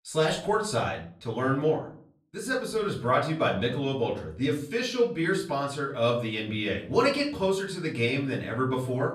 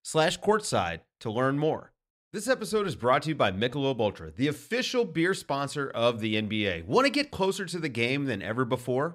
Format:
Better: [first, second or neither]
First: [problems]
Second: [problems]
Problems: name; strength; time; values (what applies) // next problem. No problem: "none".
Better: second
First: room echo; slight; dies away in 0.4 s // off-mic speech; far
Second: none